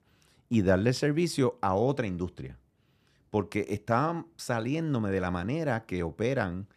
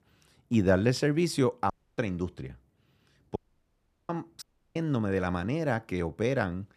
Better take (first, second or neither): first